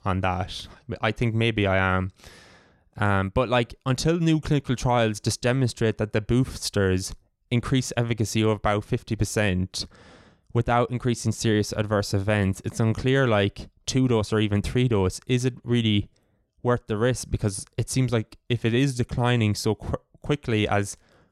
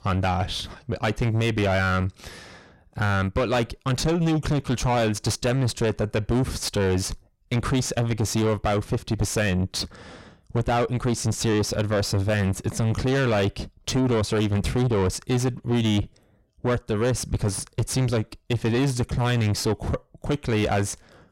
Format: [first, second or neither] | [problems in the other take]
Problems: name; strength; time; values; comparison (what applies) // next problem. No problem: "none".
first | distortion; heavy; 6 dB below the speech